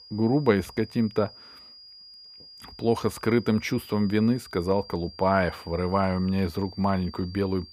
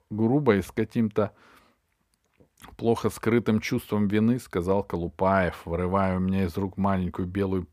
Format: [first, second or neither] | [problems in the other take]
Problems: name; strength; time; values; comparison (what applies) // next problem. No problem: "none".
second | high-pitched whine; noticeable; throughout; 5 kHz, 20 dB below the speech